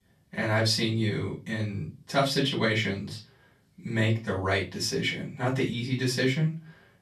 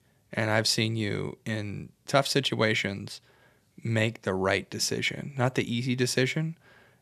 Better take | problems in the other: second | room echo; slight; dies away in 0.3 s // off-mic speech; far

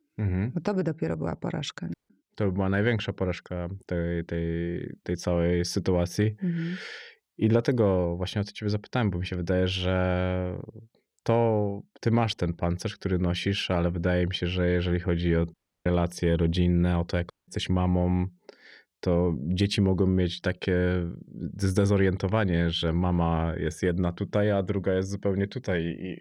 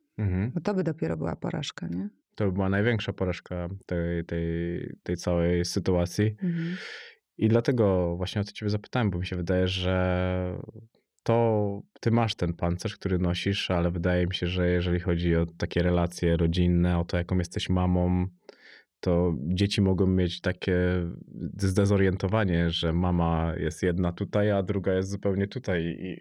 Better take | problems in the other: second | audio cutting out; at 2 s, at 16 s and at 17 s

